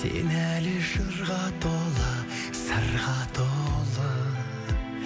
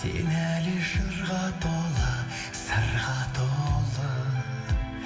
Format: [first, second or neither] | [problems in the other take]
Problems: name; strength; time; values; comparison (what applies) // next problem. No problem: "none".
first | room echo; dies away in 2.6 s